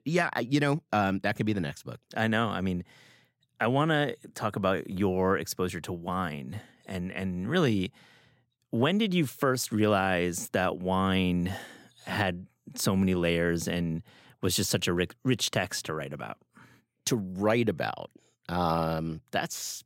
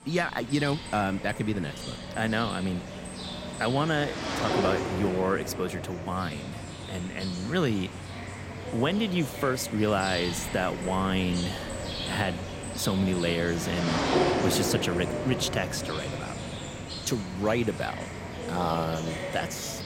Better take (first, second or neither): first